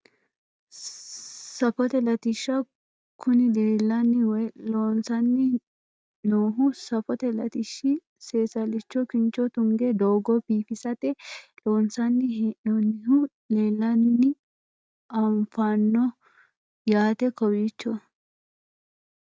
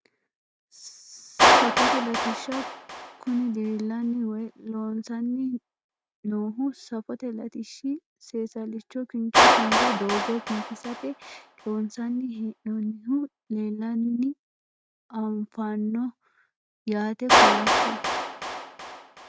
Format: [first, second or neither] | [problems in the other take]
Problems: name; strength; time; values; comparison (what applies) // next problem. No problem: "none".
first | background sound (Clapping); 3 dB above the speech